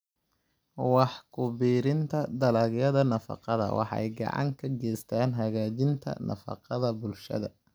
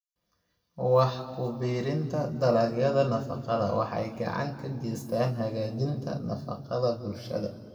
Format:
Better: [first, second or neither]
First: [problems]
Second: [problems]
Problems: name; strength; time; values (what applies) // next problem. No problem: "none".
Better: first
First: none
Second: room echo; dies away in 1.7 s